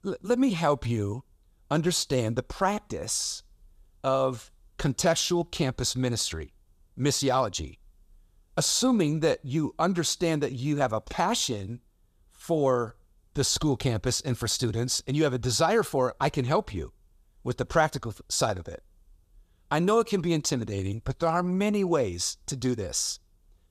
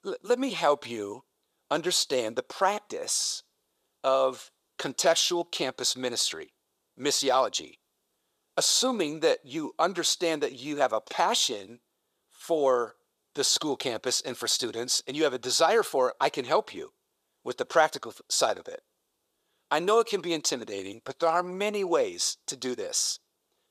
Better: first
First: none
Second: thin; somewhat; fading below 450 Hz

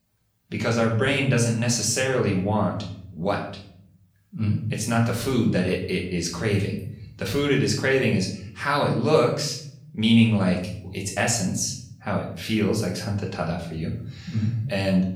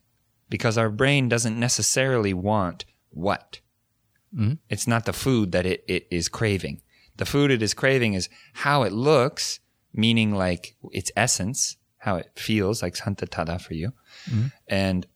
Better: second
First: room echo; slight; dies away in 0.6 s // off-mic speech; far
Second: none

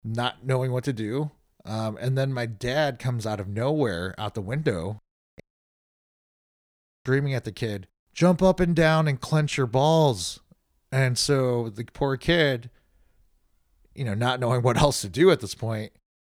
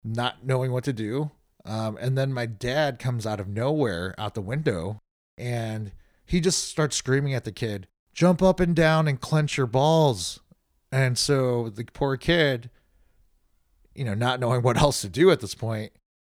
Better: second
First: audio cutting out; at 5.5 s for 1.5 s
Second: none

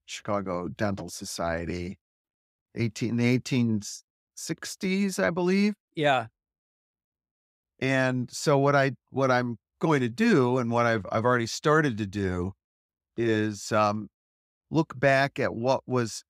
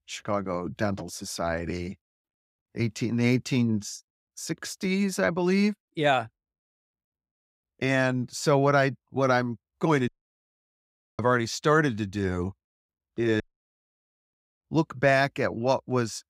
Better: first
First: none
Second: audio cutting out; at 10 s for 1 s and at 13 s for 1 s

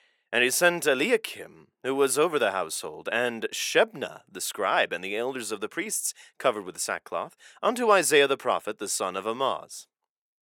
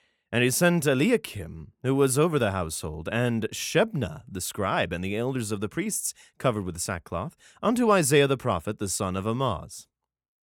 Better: second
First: thin; somewhat; fading below 450 Hz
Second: none

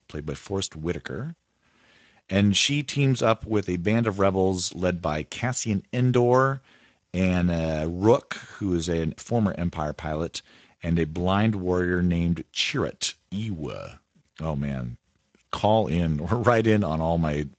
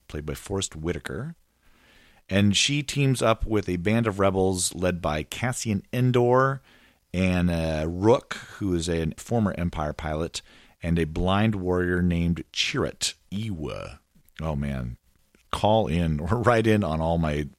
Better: second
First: garbled, watery; slightly; nothing above 8 kHz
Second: none

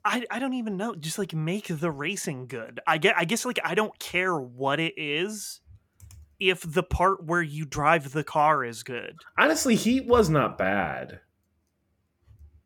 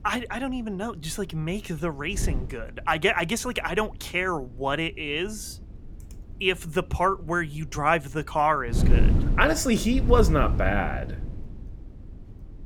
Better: first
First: none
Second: wind noise on the microphone; occasional gusts; 15 dB below the speech

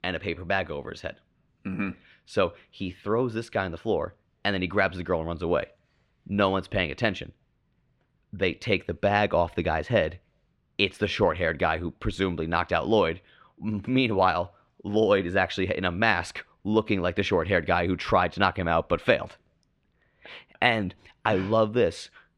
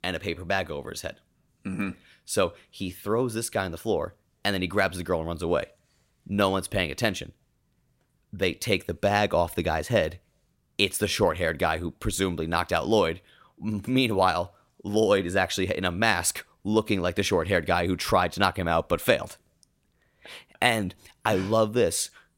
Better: second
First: muffled; slightly; fading above 3 kHz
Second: none

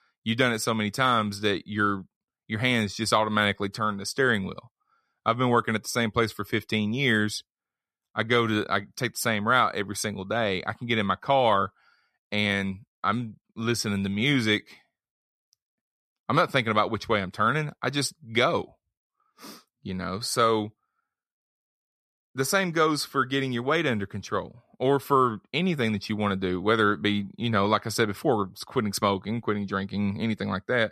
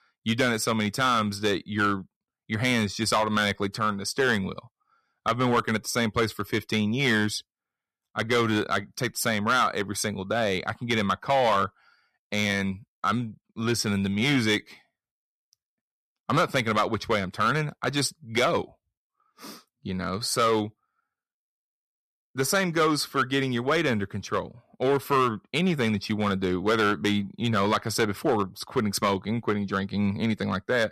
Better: first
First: none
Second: distortion; slight; 3% of the sound clipped

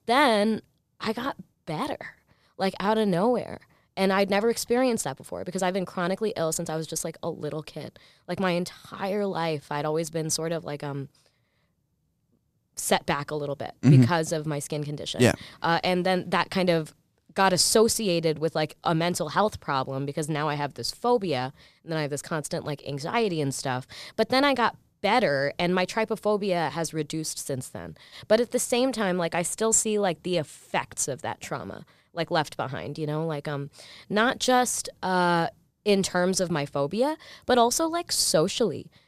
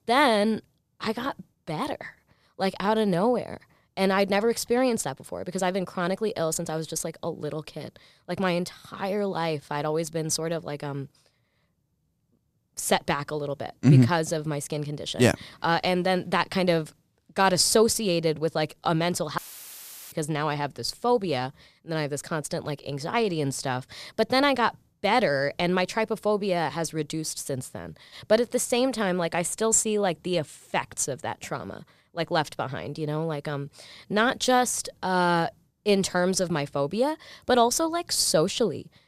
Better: first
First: none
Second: audio cutting out; filled with static; at 19 s for 0.5 s

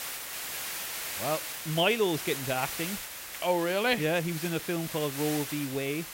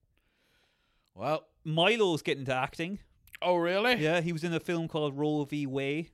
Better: second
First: hiss; loud; throughout; 6 dB below the speech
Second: none

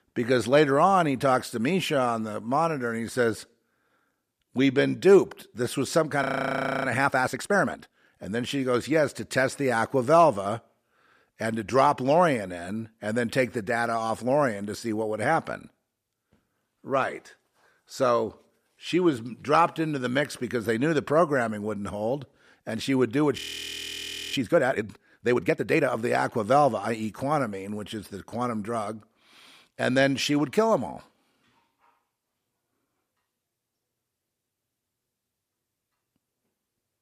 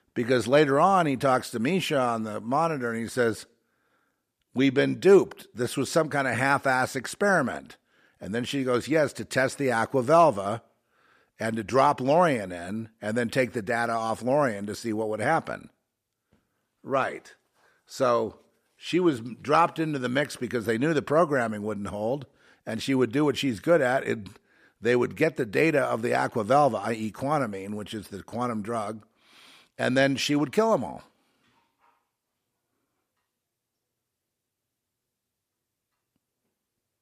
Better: second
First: audio freezing; at 6 s for 0.5 s and at 23 s for 1 s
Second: none

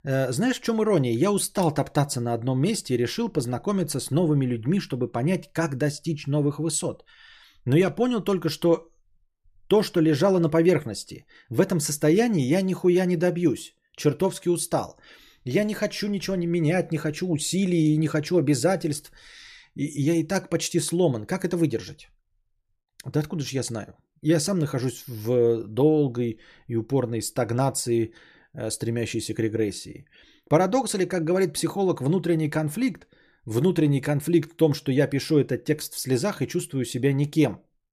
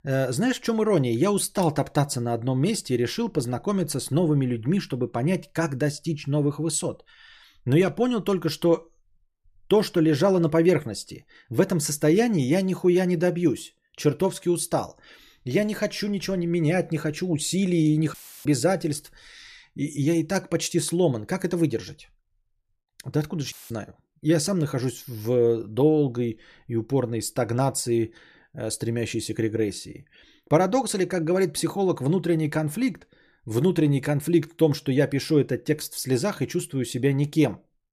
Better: first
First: none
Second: audio cutting out; filled with static; at 18 s and at 24 s

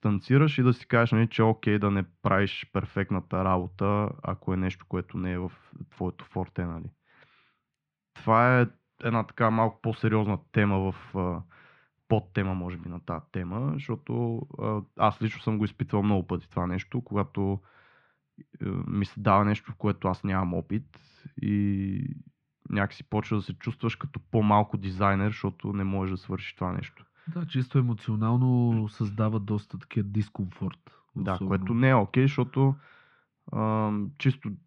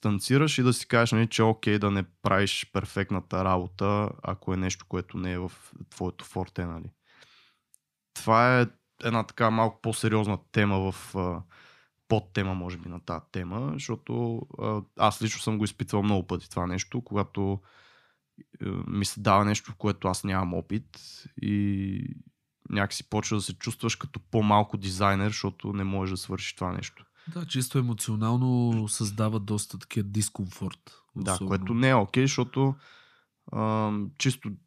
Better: second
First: muffled; very; fading above 2.5 kHz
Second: none

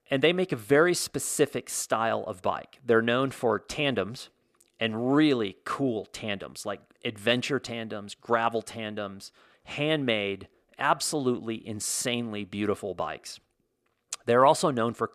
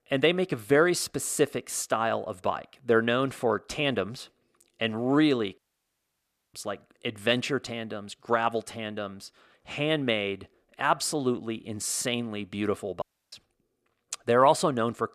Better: first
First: none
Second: audio cutting out; at 5.5 s for 1 s and at 13 s

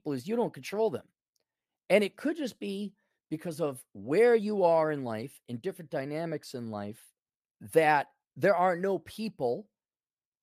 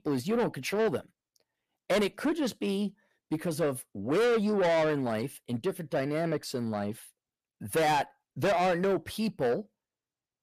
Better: first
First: none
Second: distortion; heavy; 6 dB below the speech

